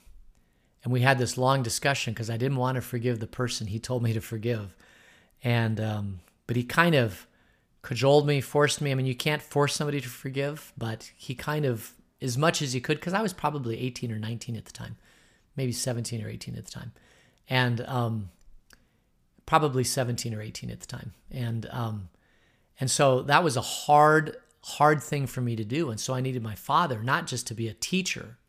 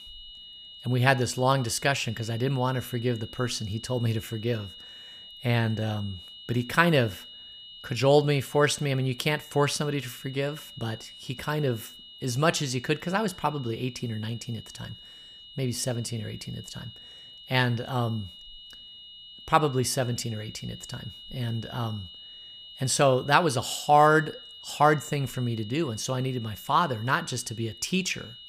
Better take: first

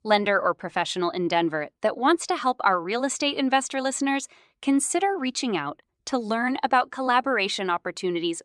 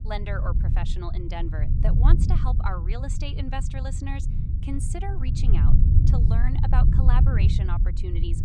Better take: first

